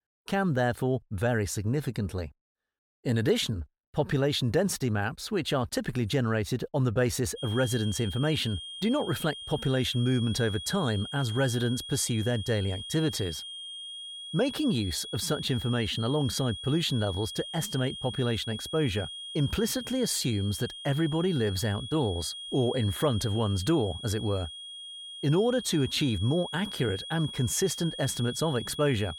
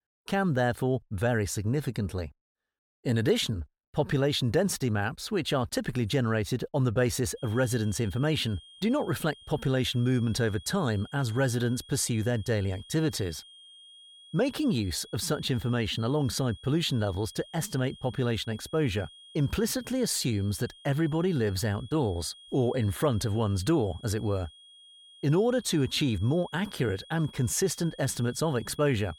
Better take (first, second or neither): second